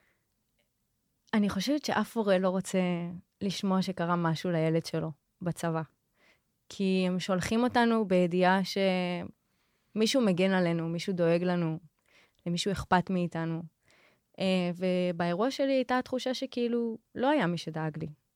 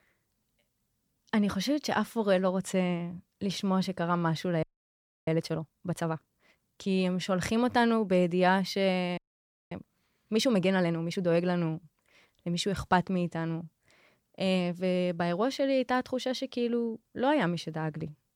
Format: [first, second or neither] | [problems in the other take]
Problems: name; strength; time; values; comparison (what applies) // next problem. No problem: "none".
first | audio freezing; at 4.5 s for 0.5 s and at 9 s for 0.5 s